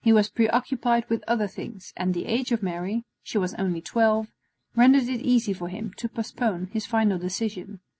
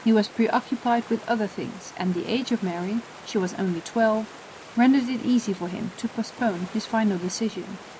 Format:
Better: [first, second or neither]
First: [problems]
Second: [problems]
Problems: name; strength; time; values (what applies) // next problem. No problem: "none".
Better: first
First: none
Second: background sound (Water); 18 dB below the speech